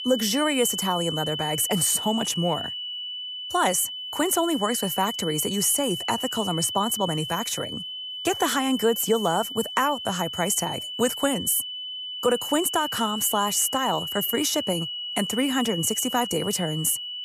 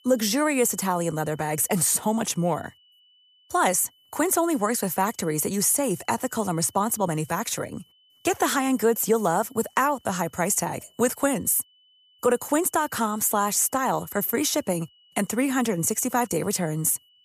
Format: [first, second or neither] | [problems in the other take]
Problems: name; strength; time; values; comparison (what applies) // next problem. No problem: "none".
second | high-pitched whine; loud; throughout; 3 kHz, 6 dB below the speech; faint in the second